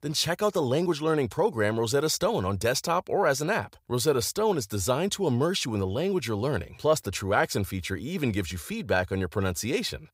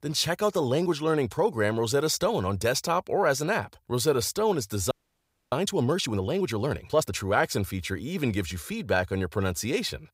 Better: first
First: none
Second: audio freezing; at 5 s for 0.5 s

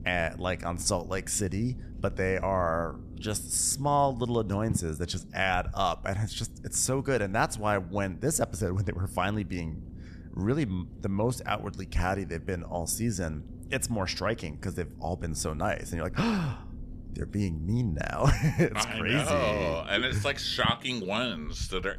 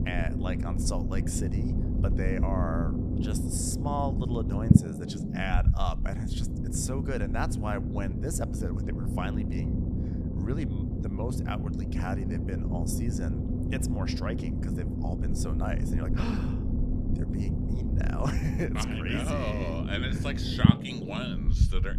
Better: first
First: low rumble; faint; throughout; 25 dB below the speech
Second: low rumble; loud; throughout; 2 dB below the speech

